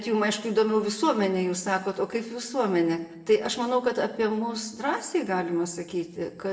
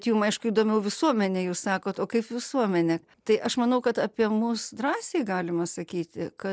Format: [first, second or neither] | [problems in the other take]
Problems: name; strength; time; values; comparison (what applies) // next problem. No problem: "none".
second | room echo; dies away in 0.7 s